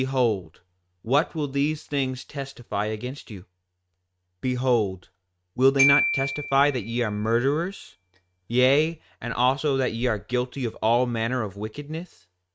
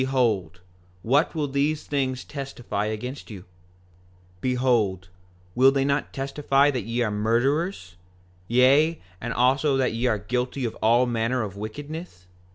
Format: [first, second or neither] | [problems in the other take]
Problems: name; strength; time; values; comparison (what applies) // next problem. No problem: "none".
second | noise reduction (neural mask model RNNoise)